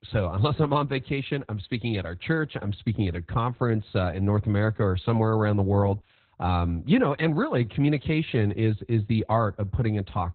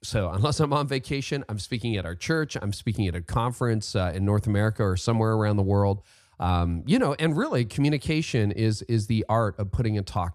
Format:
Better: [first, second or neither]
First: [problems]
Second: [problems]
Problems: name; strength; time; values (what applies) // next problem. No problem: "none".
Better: second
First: garbled, watery; badly; nothing above 4 kHz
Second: none